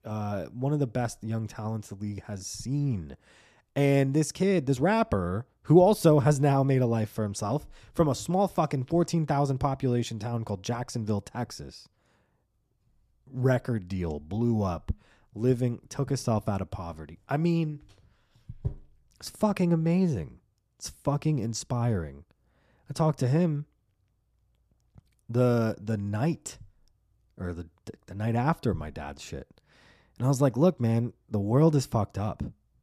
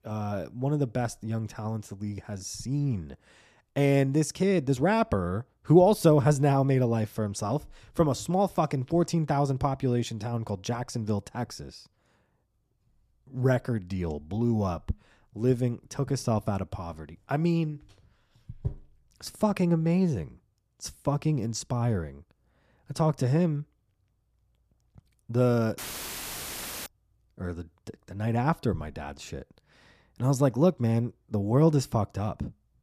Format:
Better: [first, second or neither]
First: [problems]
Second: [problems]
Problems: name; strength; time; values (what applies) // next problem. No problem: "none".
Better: first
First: none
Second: audio cutting out; filled with static; at 26 s for 1 s